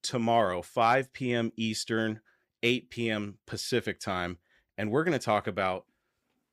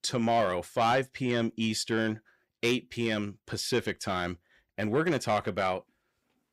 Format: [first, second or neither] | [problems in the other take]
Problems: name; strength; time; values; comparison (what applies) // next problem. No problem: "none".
first | distortion; slight; 10 dB below the speech